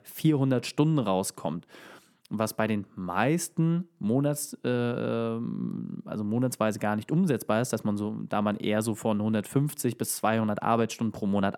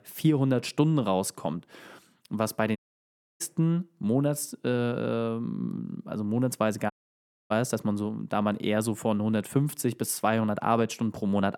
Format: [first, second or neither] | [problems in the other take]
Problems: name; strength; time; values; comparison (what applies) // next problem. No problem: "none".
first | audio cutting out; at 3 s for 0.5 s and at 7 s for 0.5 s